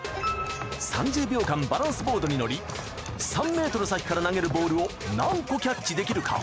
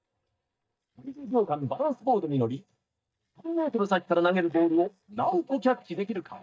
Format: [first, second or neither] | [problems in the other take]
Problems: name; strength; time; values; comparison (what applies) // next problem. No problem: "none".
first | noise reduction (neural mask model DeepFilterNet 3)